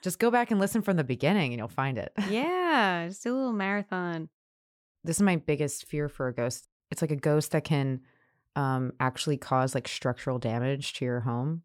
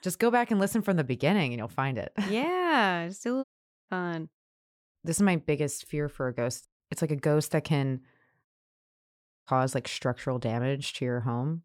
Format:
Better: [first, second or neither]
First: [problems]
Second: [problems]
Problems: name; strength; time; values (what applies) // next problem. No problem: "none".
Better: first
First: none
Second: audio cutting out; at 3.5 s and at 8.5 s for 1 s